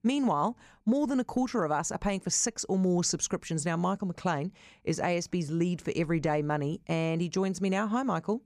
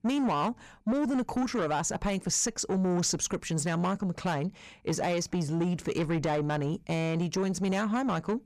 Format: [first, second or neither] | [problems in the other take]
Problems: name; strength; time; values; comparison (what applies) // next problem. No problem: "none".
first | distortion; slight; 10 dB below the speech